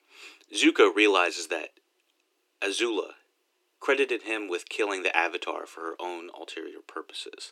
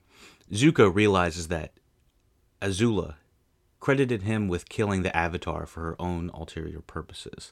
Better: second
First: thin; somewhat; fading below 300 Hz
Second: none

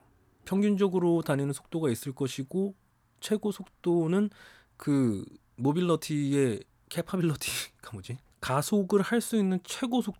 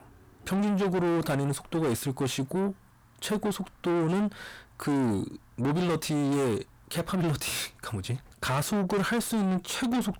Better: first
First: none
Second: distortion; heavy; 6 dB below the speech

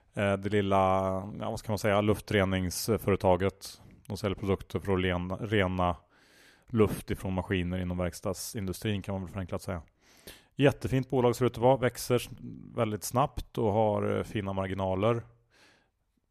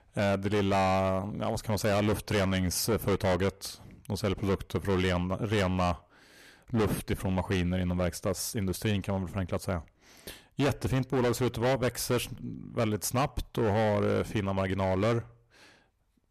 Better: first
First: none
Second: distortion; heavy; 13% of the sound clipped

